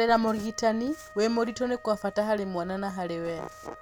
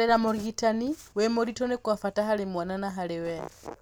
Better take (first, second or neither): second